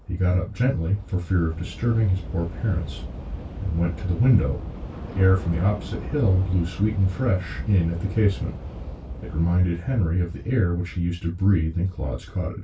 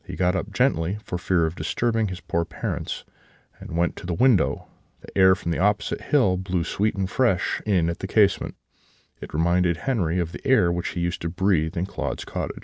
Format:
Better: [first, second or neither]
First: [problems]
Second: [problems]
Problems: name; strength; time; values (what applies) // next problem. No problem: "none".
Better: second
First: background sound (Subway, metro, underground / Train); 12 dB below the speech // room echo; dies away in 0.2 s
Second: none